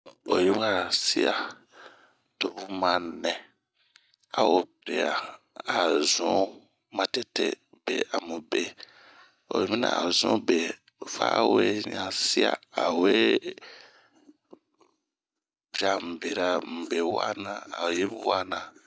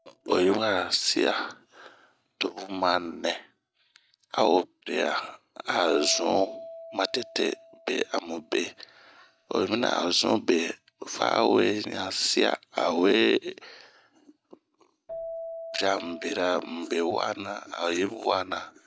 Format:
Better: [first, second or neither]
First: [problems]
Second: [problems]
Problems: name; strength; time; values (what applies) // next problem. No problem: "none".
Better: first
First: none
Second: background sound (Keyboard (musical)); 18 dB below the speech